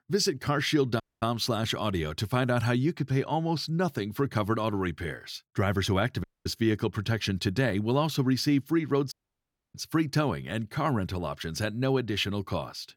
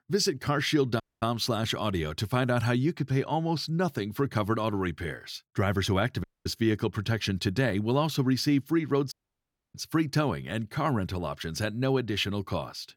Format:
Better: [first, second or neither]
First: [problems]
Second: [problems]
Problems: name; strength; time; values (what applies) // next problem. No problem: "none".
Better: neither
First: audio cutting out; at 1 s, at 6 s and at 9 s for 0.5 s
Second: audio cutting out; at 1 s, at 6 s and at 9 s for 0.5 s